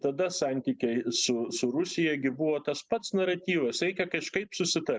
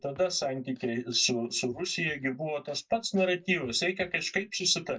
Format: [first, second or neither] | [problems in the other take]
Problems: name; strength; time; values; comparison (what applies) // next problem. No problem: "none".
first | noise reduction (neural mask model DeepFilterNet 3)